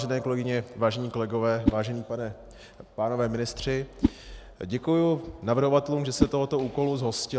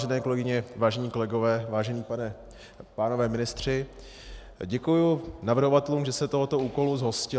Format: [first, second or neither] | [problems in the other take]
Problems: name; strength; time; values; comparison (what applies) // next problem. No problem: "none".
second | background sound (Whoosh, swoosh, swish); 7 dB below the speech